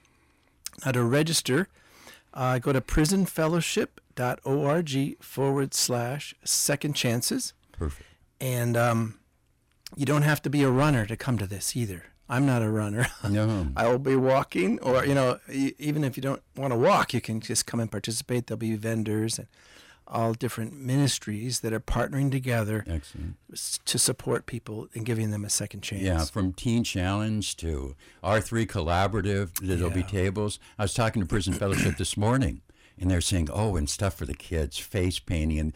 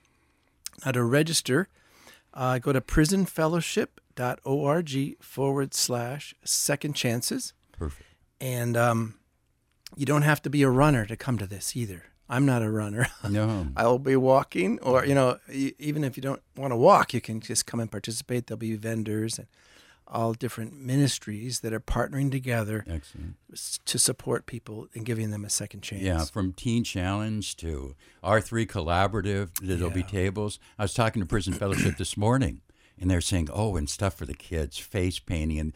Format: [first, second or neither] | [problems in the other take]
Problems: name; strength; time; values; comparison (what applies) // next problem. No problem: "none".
second | distortion; slight; 10 dB below the speech